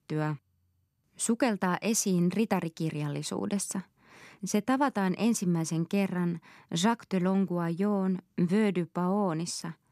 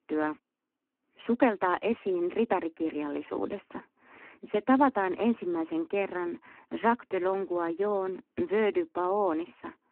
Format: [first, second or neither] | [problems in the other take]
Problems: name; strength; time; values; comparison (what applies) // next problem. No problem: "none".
first | phone-call audio; poor line